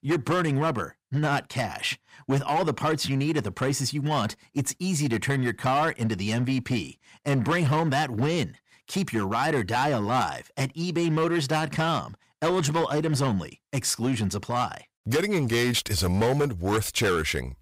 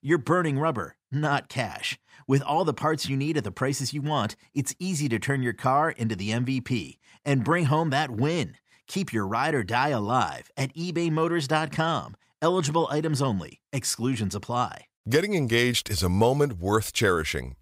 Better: second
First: distortion; slight; 10% of the sound clipped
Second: none

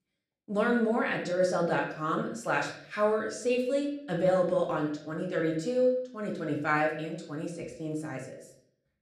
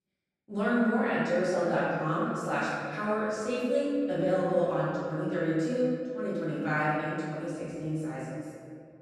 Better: first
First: room echo; slight; dies away in 0.6 s // off-mic speech; far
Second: room echo; strong; dies away in 2 s // off-mic speech; far

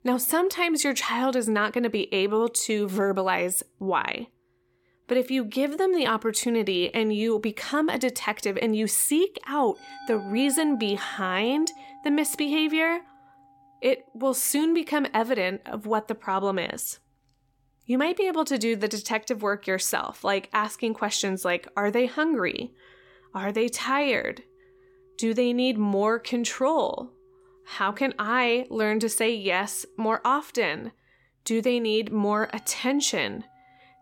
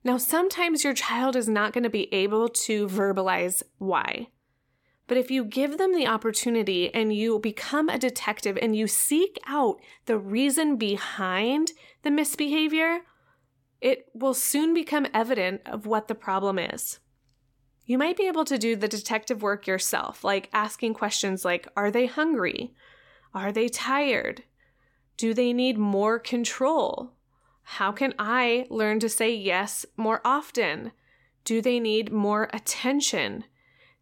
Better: second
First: background music; faint; throughout; 25 dB below the speech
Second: none

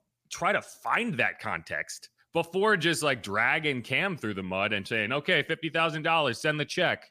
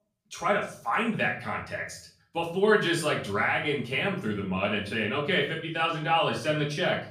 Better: first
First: none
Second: room echo; slight; dies away in 0.5 s // off-mic speech; far

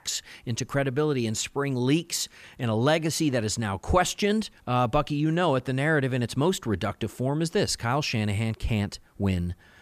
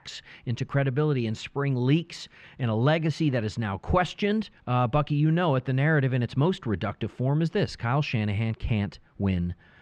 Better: first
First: none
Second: muffled; slightly; fading above 3 kHz

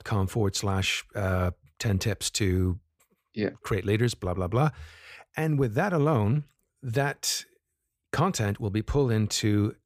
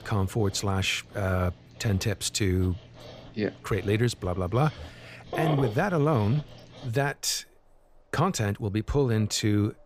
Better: first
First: none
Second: animal sounds; noticeable; throughout; 15 dB below the speech

